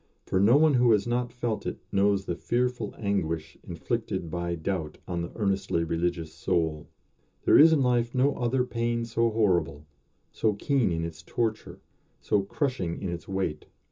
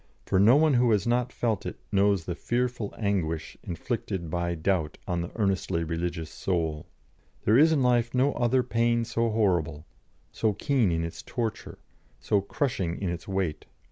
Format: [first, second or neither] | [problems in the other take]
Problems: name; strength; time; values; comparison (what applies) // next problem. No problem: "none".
second | room echo; dies away in 0.2 s